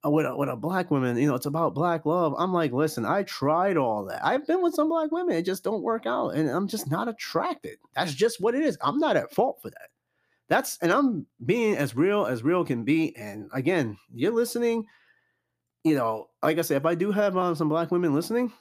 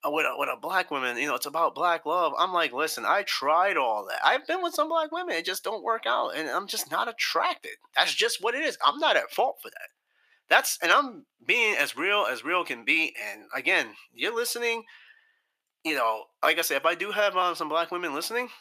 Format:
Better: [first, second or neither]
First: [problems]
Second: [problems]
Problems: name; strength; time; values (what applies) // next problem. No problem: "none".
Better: first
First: none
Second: thin; very; fading below 750 Hz